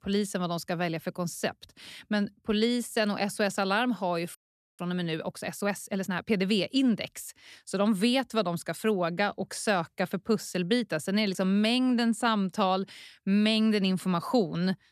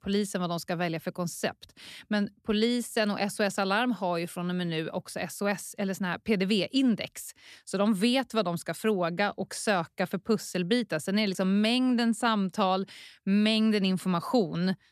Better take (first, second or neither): second